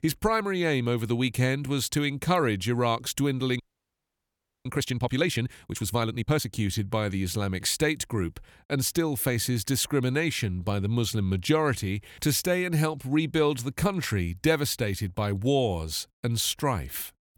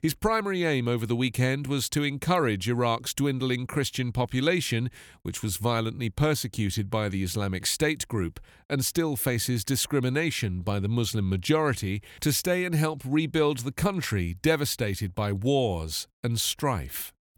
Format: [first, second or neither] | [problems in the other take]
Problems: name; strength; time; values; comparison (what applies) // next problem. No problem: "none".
second | audio freezing; at 3.5 s for 1 s